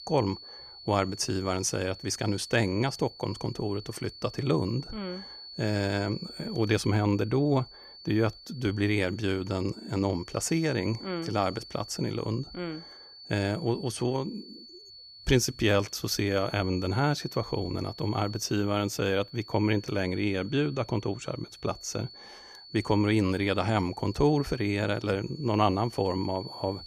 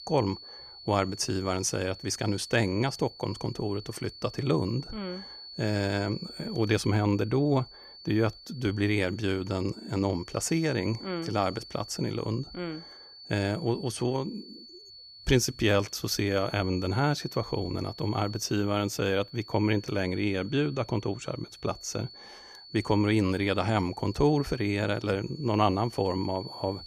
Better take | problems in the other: neither | high-pitched whine; noticeable; throughout; 4.5 kHz, 15 dB below the speech; the same in both

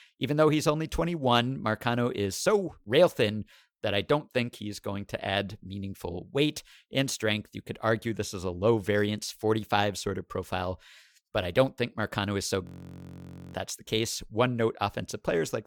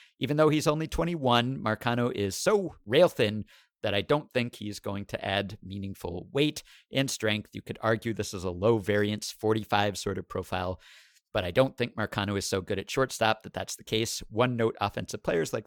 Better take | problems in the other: second | audio freezing; at 13 s for 1 s

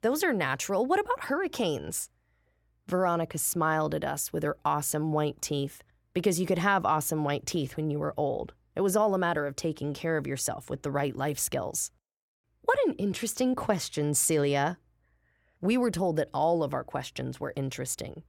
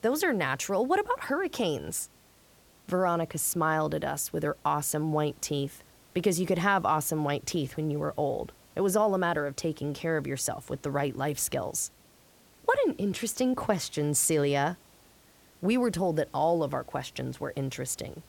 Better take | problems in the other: first | hiss; faint; throughout; 30 dB below the speech

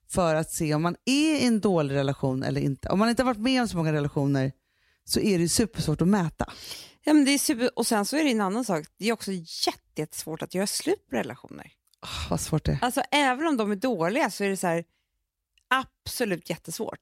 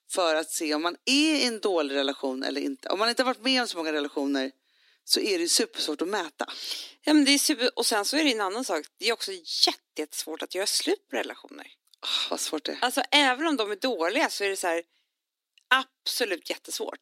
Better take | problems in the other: first | thin; very slightly; fading below 250 Hz

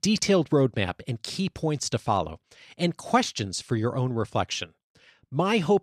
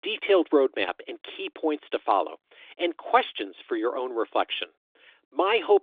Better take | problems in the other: first | phone-call audio

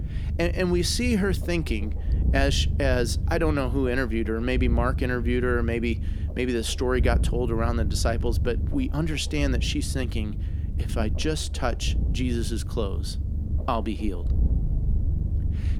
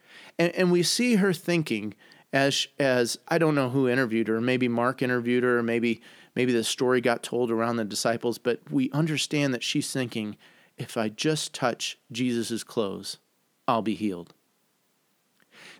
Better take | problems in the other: second | low rumble; noticeable; throughout; 15 dB below the speech

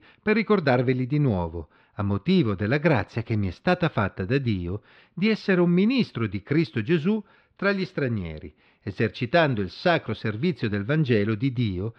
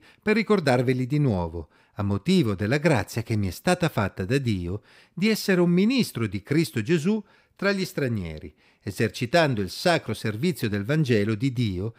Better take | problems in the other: second | muffled; very slightly; fading above 3.5 kHz

